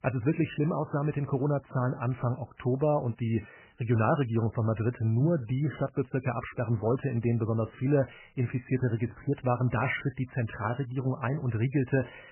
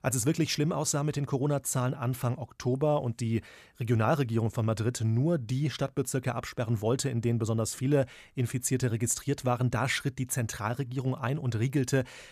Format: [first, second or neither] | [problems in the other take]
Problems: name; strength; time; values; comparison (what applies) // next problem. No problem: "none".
second | garbled, watery; badly; nothing above 3 kHz